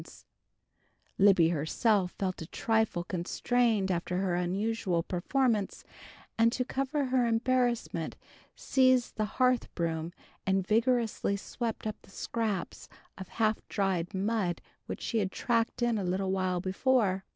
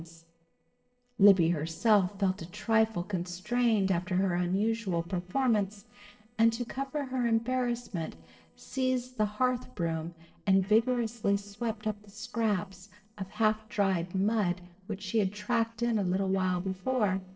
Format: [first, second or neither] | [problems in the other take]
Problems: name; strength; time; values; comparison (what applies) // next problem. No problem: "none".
first | noise reduction (neural separator model SepFormer DNS4)